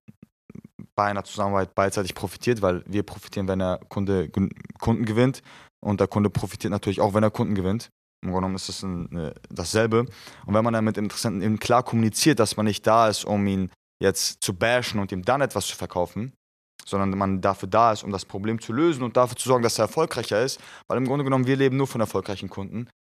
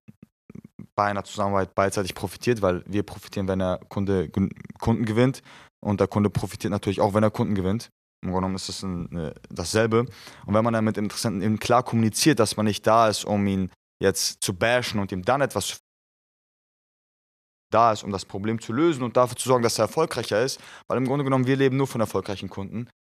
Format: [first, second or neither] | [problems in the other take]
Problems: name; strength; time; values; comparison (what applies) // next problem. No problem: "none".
first | audio cutting out; at 16 s for 2 s